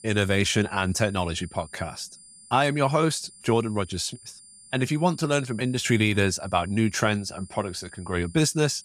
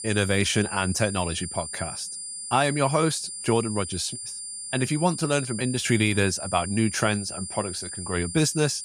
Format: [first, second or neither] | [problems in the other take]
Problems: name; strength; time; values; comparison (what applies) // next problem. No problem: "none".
first | high-pitched whine; loud; throughout; 9 kHz, 7 dB below the speech; faint in the first